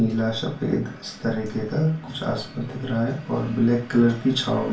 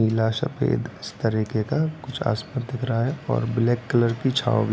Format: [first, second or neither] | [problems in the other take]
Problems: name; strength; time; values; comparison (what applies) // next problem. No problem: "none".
second | room echo; dies away in 0.3 s